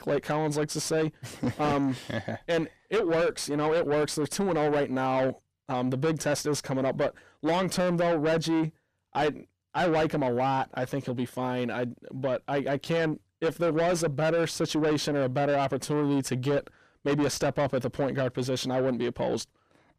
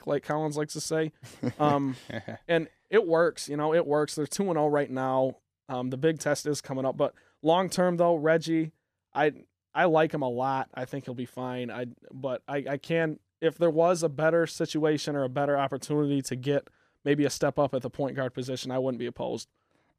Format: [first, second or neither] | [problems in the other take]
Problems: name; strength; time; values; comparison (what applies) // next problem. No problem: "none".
second | distortion; heavy; 7 dB below the speech